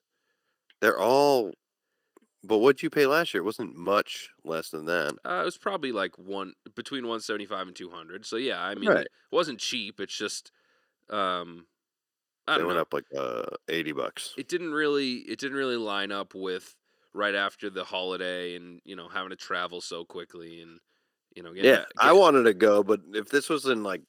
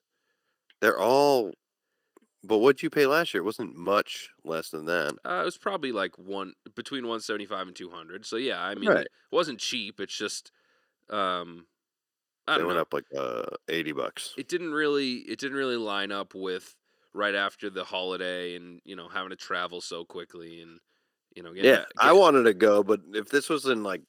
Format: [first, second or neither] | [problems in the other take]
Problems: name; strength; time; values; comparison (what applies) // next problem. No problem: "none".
neither | thin; somewhat; fading below 350 Hz; the same in both